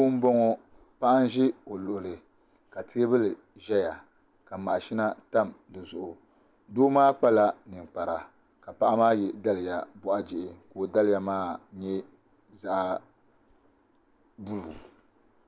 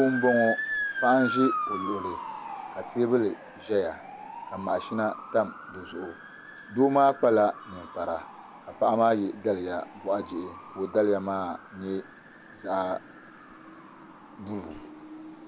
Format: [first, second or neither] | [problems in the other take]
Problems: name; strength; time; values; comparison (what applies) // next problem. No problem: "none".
first | background sound (Motor vehicle (road) / Siren); 10 dB below the speech